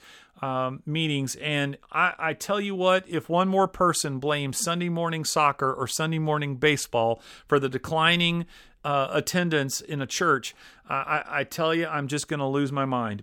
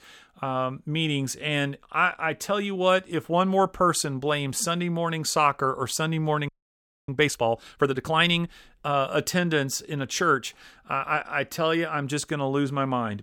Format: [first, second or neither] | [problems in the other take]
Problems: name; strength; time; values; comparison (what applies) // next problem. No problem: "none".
first | audio freezing; at 6.5 s for 0.5 s